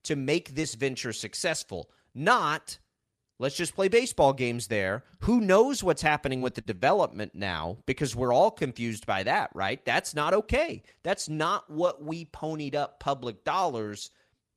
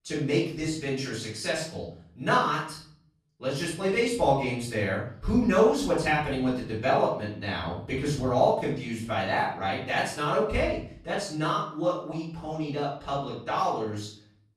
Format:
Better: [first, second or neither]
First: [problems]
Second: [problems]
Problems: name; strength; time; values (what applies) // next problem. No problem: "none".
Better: first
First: none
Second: off-mic speech; far // room echo; noticeable; dies away in 0.5 s